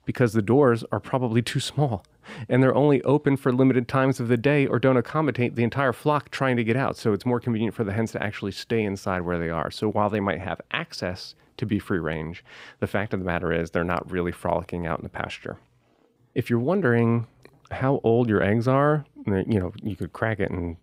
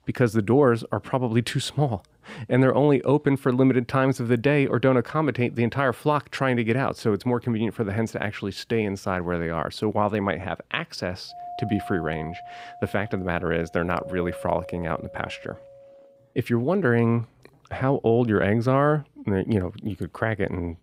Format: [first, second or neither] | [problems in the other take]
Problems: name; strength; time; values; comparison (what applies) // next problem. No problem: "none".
first | doorbell; faint; from 11 to 16 s; peak 10 dB below the speech